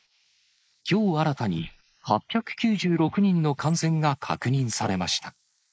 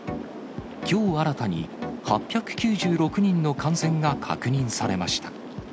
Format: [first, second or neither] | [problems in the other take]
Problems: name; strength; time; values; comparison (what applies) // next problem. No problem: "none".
second | noise reduction (neural mask model Resemble Enhance denoiser)